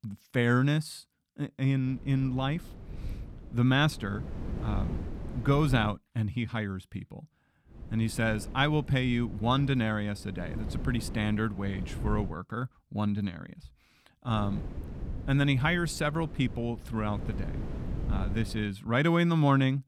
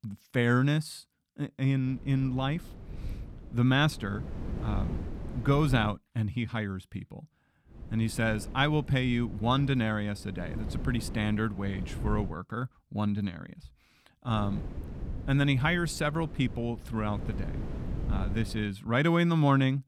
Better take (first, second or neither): neither